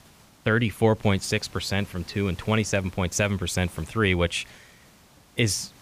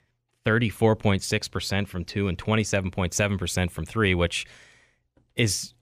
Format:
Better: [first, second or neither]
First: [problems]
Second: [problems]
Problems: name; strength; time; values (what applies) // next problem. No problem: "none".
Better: second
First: hiss; faint; throughout; 25 dB below the speech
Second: none